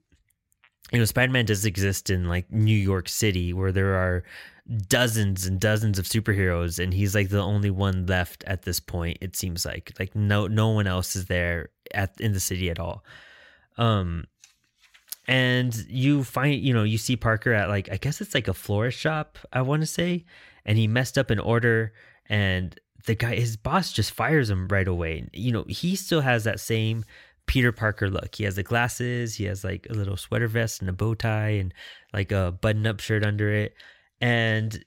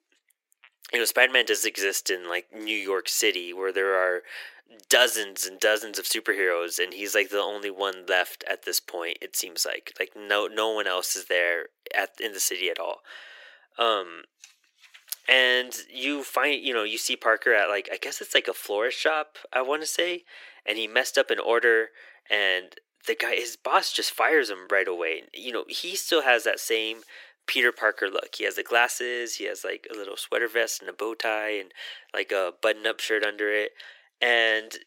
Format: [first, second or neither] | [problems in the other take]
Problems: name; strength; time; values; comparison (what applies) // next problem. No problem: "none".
first | thin; very; fading below 350 Hz